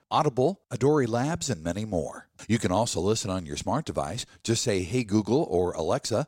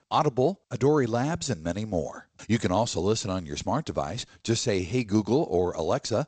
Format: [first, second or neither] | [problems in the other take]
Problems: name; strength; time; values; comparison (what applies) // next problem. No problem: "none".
first | garbled, watery; slightly; nothing above 8 kHz